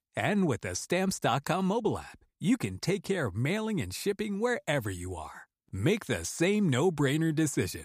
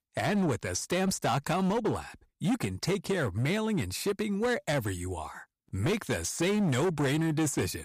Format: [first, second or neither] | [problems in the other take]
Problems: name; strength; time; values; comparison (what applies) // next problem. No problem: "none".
first | distortion; slight; 14% of the sound clipped